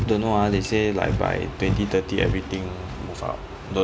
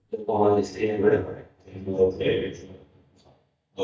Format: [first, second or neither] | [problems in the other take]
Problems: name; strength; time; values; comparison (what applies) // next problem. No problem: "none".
first | noise reduction (neural mask model DeepFilterNet 3)